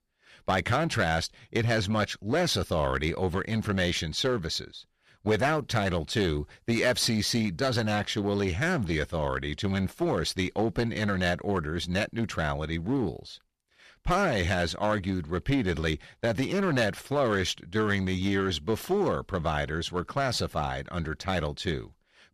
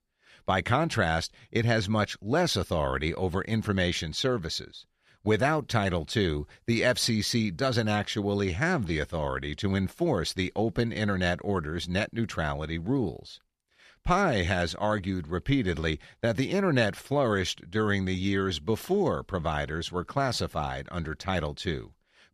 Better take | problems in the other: second | distortion; slight; 6% of the sound clipped

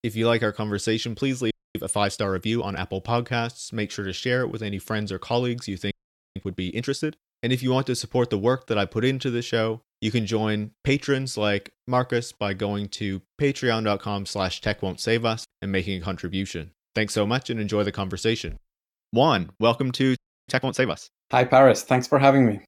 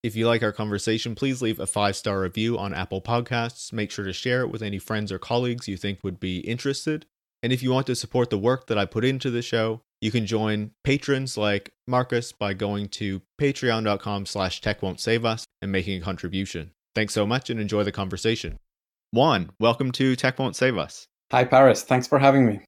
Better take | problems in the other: second | audio freezing; at 1.5 s, at 6 s and at 20 s

